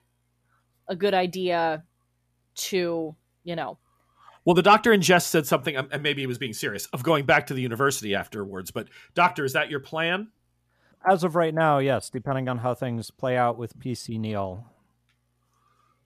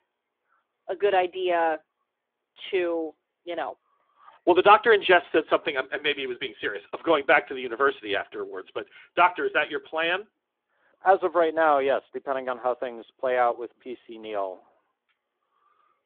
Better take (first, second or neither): first